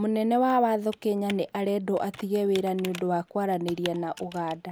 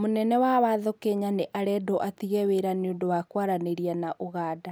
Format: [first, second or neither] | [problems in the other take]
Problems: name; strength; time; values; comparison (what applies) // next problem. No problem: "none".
second | background sound (Computer keyboard); 19 dB below the speech